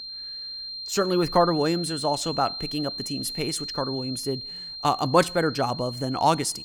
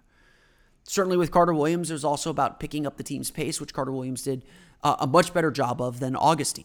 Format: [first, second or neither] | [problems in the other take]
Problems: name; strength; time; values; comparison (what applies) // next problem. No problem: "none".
second | high-pitched whine; loud; throughout; 4 kHz, 7 dB below the speech